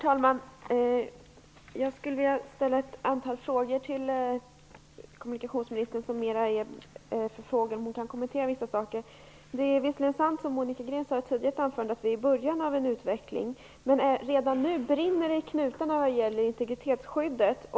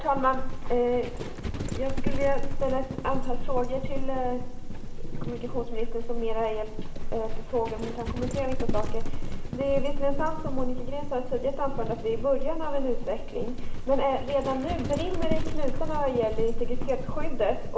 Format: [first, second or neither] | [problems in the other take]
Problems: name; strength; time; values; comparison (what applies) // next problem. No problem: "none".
first | background sound (Livestock, farm animals, working animals); 3 dB above the speech // room echo; dies away in 0.9 s